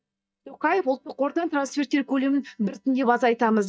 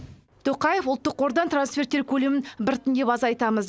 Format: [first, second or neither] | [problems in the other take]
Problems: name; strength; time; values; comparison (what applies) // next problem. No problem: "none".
second | noise reduction (neural mask model DeepFilterNet 3)